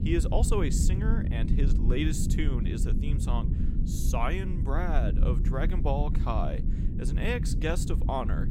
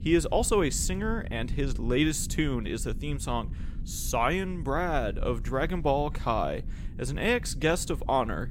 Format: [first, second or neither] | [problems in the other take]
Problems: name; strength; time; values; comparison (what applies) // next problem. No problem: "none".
second | low rumble; loud; throughout; 7 dB below the speech; faint in the second